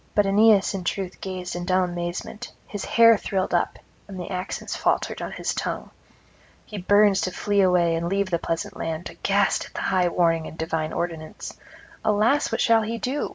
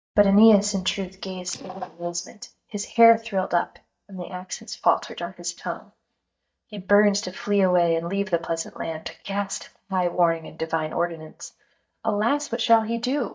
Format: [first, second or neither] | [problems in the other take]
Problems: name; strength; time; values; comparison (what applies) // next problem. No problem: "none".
first | noise reduction (neural mask model DeepFilterNet 3)